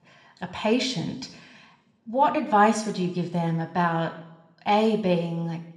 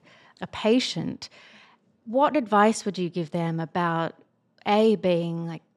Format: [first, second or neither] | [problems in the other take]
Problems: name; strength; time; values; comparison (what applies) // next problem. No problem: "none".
second | room echo; slight; dies away in 0.7 s